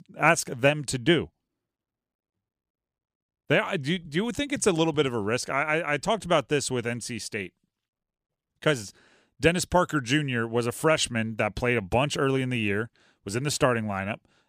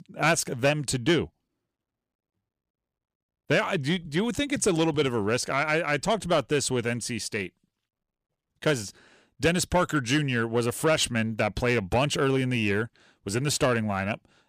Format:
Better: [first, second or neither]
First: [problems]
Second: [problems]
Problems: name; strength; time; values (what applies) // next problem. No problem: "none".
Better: first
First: none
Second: distortion; slight; 10 dB below the speech